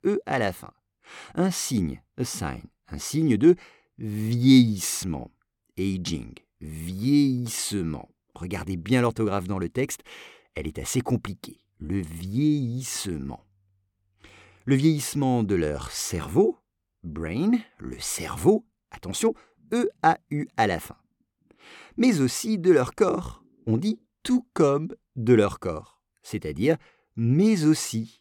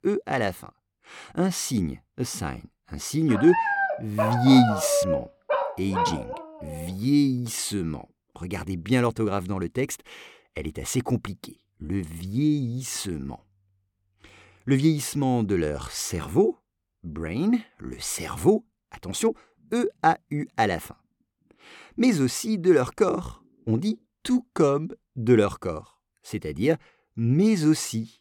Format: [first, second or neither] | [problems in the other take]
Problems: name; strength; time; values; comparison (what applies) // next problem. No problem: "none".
first | dog barking; loud; from 3.5 to 7 s; peak 1 dB above the speech